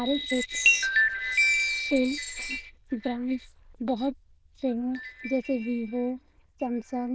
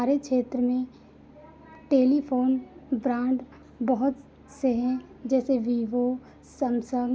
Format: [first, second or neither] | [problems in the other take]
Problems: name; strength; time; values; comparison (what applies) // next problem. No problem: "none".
second | noise reduction (neural diffusion model UNIVERSE++)